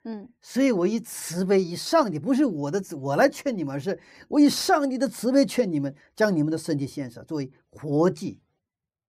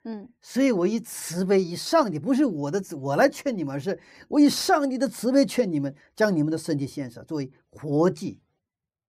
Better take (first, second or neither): neither